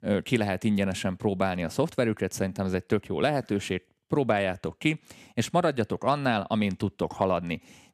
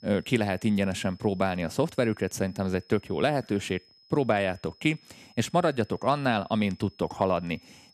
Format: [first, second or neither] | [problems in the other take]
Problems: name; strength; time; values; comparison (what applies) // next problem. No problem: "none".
first | high-pitched whine; faint; throughout; 5 kHz, 30 dB below the speech